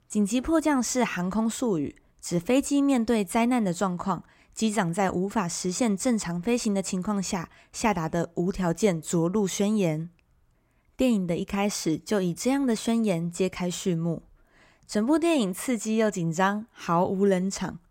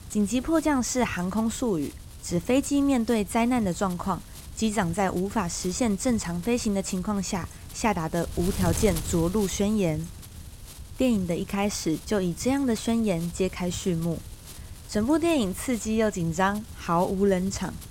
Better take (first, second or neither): first